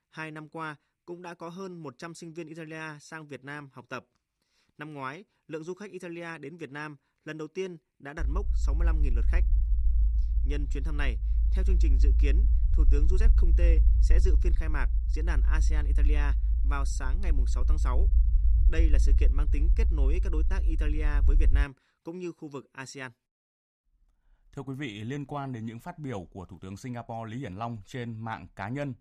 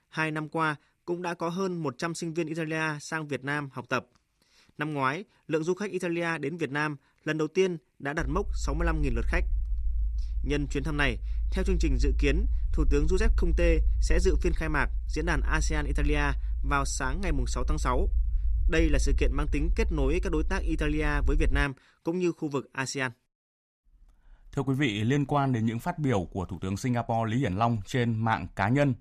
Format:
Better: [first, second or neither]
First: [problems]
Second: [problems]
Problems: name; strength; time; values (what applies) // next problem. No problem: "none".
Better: second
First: low rumble; loud; from 8 to 22 s; 10 dB below the speech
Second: low rumble; faint; from 8 to 22 s; 25 dB below the speech